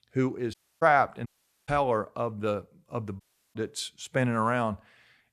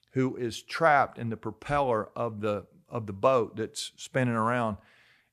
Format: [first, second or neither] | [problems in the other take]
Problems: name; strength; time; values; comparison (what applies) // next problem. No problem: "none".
second | audio cutting out; at 0.5 s, at 1.5 s and at 3 s